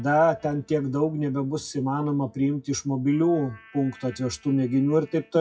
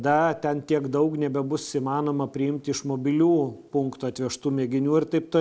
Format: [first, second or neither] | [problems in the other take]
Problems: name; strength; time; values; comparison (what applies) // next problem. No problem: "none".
second | noise reduction (classical method WPE with log-MMSE)